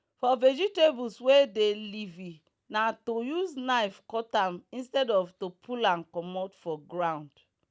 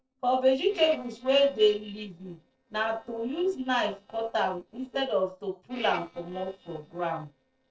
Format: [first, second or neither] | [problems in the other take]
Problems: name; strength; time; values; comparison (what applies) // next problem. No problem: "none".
first | noise reduction (neural separator model SepFormer DNS4)